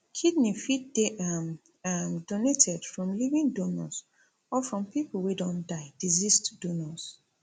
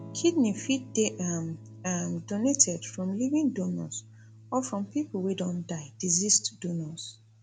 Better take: first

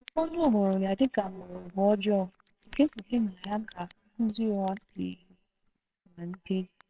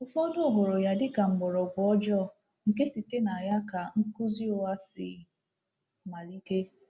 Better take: second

